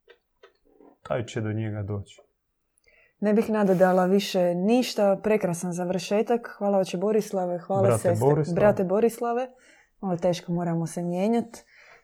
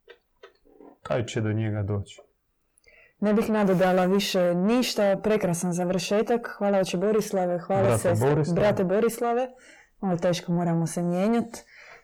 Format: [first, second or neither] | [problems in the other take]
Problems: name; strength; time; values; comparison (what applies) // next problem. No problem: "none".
first | distortion; slight; 10 dB below the speech